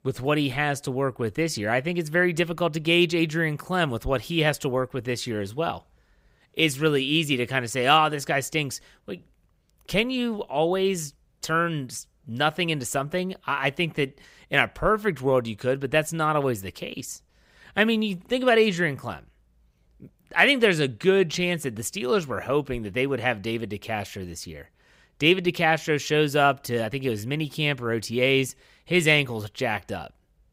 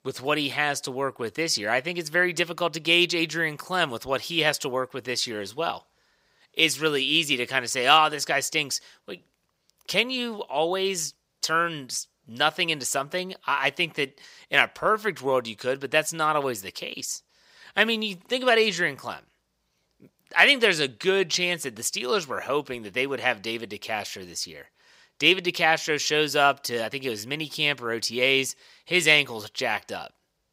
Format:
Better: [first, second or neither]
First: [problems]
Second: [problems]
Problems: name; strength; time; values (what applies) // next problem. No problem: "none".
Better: first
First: none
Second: thin; very slightly; fading below 500 Hz